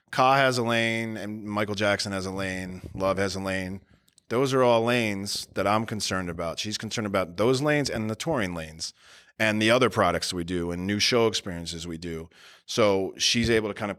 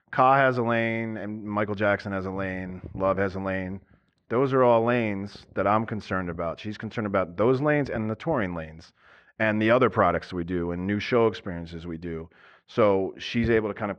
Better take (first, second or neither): first